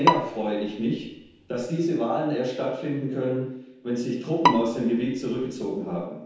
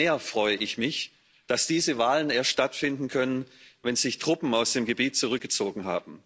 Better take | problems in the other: second | background sound (Bowed string instrument); 1 dB below the speech // room echo; dies away in 0.9 s

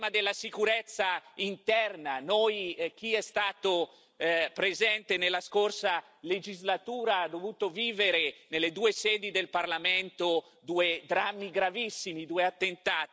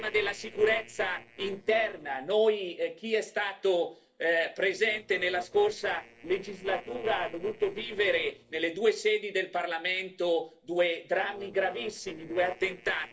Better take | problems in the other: first | noise reduction (neural separator model SepFormer DNS4)

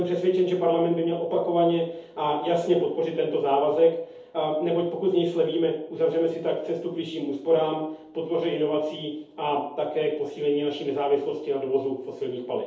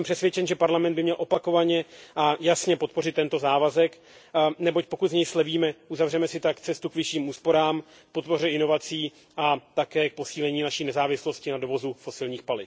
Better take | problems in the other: second | room echo; dies away in 2.2 s

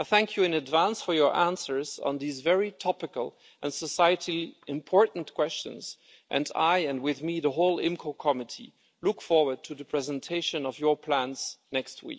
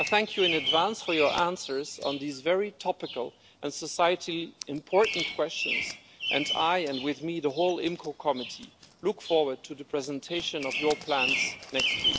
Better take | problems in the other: first | background sound (Bird vocalization, bird call, bird song); 5 dB below the speech

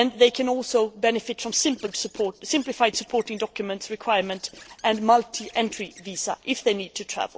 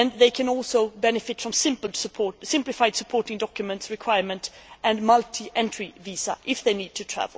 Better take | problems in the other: second | noise reduction (neural separator model SepFormer DNS4)

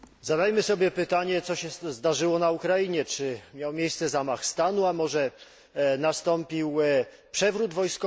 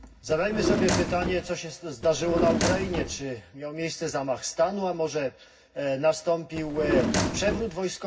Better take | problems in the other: first | background sound (Drawer open or close); as loud as the speech // room echo; dies away in 0.4 s

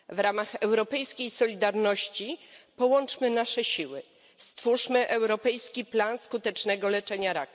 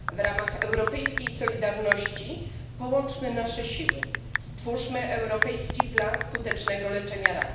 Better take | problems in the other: first | background sound (Typing); 1 dB below the speech // room echo; dies away in 0.9 s

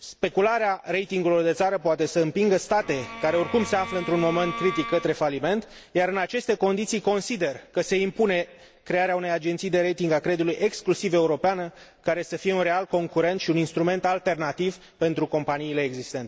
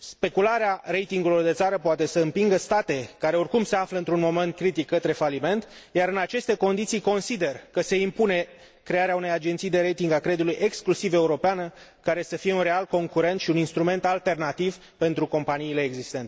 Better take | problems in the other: second | background sound (Bowed string instrument); 11 dB below the speech

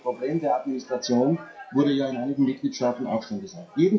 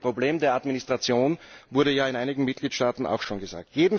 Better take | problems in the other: second | noise reduction (classical method WPE with log-MMSE)

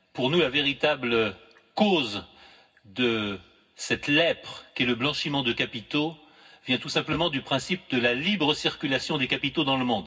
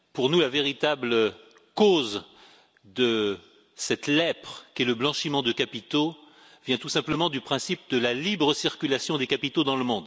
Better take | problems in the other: second | room echo; dies away in 0.4 s

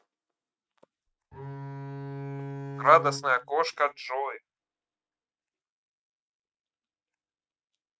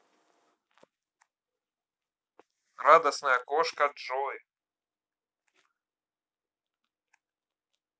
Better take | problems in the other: second | noise reduction (neural mask model RNNoise)

